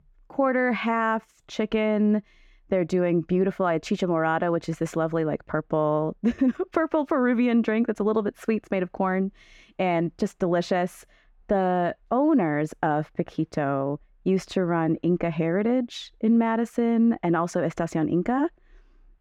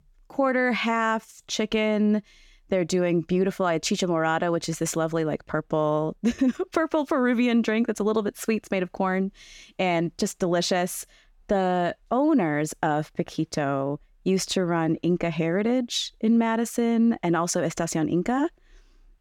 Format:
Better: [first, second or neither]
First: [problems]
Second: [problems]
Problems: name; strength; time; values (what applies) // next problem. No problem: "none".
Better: second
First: muffled; slightly; fading above 3 kHz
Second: none